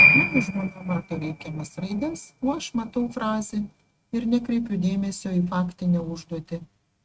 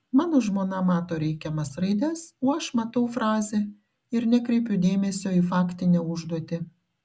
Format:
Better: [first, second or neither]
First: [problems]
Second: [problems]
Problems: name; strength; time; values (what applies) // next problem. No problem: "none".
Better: second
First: noise reduction (neural mask model RNNoise)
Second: none